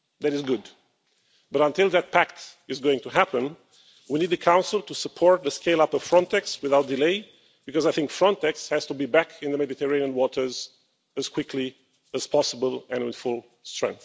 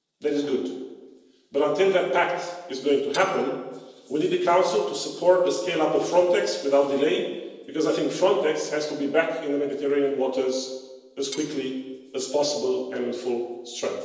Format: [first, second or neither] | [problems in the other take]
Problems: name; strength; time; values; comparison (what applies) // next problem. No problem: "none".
first | noise reduction (neural separator model SepFormer DNS4)